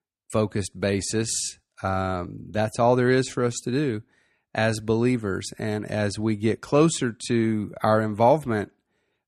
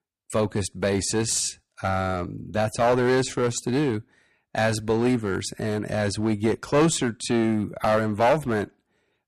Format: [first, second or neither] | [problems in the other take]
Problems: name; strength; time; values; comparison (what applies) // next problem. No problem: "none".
first | distortion; heavy; 7% of the sound clipped